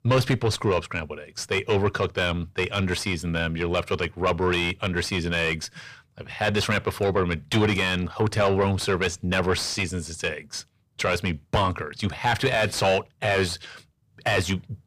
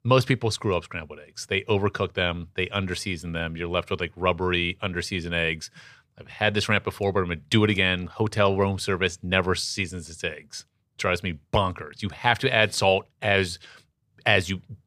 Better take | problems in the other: second | distortion; heavy; 7 dB below the speech

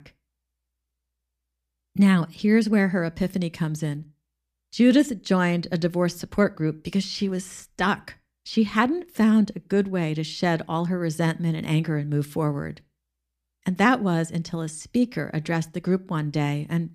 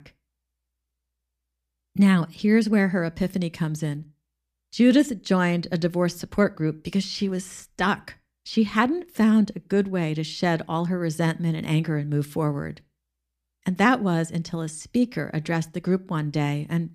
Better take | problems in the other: neither | none

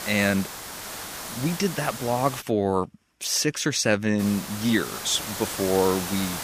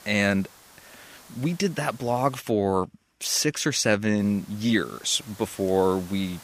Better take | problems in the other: second | hiss; loud; until 2.5 s and from 4 s on; 8 dB below the speech; faint in the second

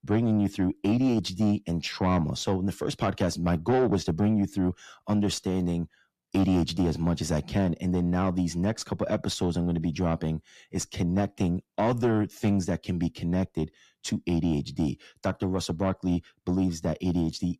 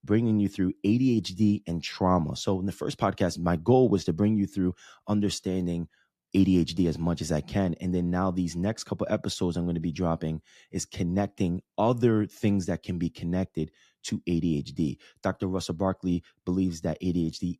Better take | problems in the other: second | distortion; slight; 10 dB below the speech

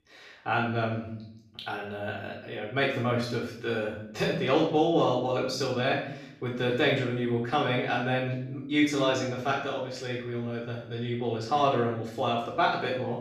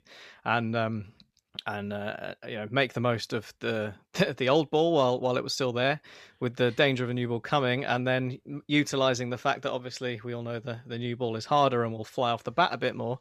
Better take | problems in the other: second | off-mic speech; far // room echo; noticeable; dies away in 0.6 s

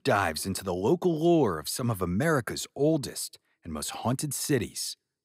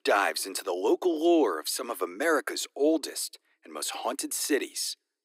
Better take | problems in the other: first | thin; somewhat; fading below 300 Hz

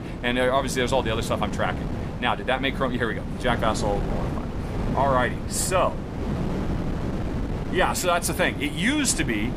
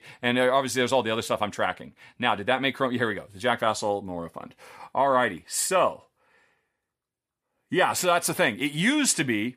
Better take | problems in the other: second | wind noise on the microphone; occasional gusts; 10 dB below the speech

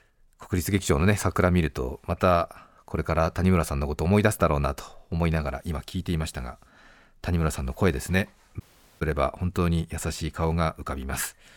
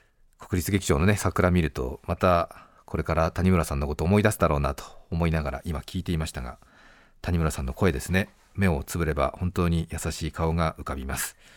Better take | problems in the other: second | audio cutting out; at 8.5 s

